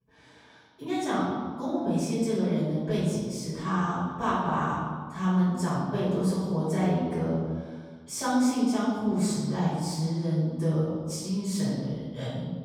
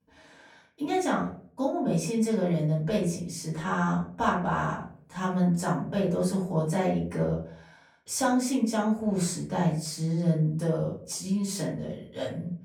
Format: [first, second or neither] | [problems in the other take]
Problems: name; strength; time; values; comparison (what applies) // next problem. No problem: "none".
second | room echo; strong; dies away in 1.6 s; slight in the second // off-mic speech; far; far in the second